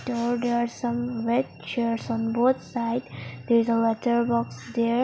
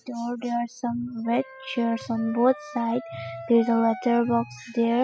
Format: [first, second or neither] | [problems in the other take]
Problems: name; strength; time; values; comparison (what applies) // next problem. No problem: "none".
first | noise reduction (classical method spectral subtraction)